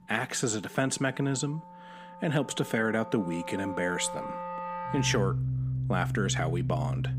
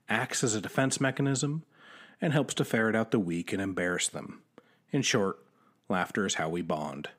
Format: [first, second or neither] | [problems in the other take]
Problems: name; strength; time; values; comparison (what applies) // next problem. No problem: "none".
second | background music; loud; throughout; 3 dB below the speech